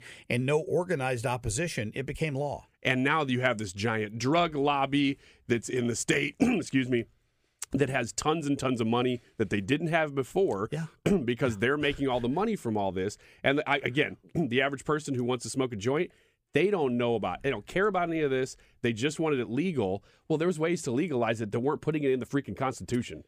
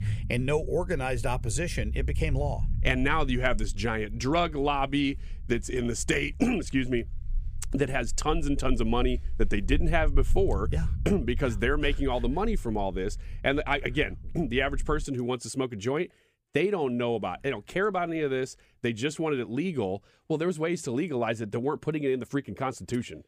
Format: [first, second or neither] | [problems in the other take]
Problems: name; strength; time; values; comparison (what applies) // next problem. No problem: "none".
first | low rumble; faint; until 15 s; 25 dB below the speech